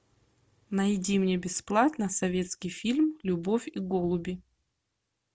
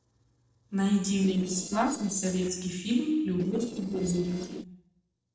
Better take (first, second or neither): first